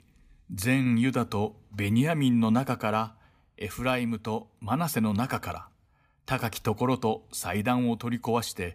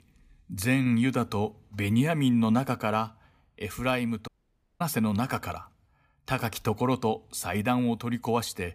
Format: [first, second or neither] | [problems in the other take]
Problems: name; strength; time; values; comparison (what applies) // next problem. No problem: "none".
first | audio cutting out; at 4.5 s for 0.5 s